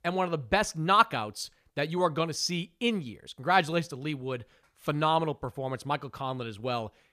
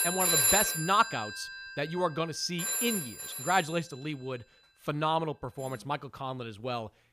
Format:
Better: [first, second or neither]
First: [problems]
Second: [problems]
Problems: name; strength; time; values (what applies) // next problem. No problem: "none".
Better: first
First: none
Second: alarms or sirens; very loud; throughout; 3 dB above the speech